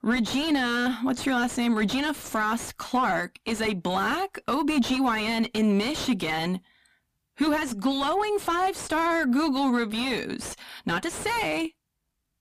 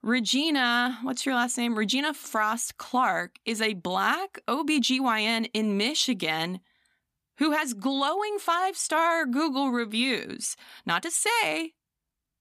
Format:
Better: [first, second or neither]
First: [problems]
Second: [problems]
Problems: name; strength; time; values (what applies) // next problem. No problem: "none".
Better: second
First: distortion; heavy; 6 dB below the speech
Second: none